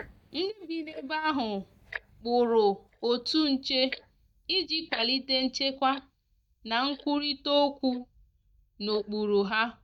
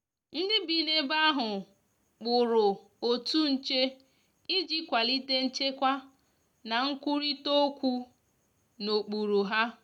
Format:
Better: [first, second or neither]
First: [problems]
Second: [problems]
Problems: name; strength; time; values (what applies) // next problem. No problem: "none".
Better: second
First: noise reduction (neural mask model DeepFilterNet 3)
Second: none